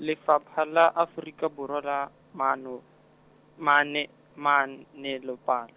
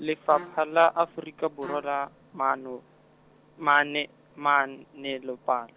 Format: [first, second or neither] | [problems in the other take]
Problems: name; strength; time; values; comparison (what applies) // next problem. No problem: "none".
first | background sound (Trumpet); 17 dB below the speech